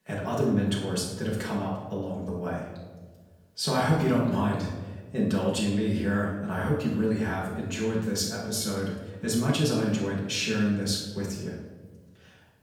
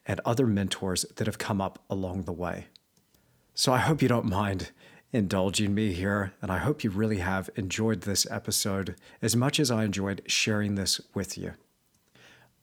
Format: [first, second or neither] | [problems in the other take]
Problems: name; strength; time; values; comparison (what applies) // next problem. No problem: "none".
second | off-mic speech; far // room echo; noticeable; dies away in 1.1 s